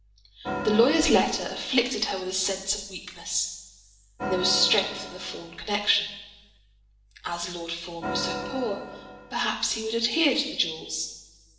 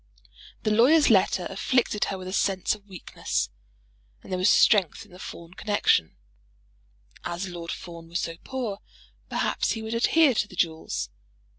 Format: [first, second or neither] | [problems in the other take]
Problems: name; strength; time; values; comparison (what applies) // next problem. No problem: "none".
second | background sound (Organ); 8 dB below the speech // room echo; dies away in 1.2 s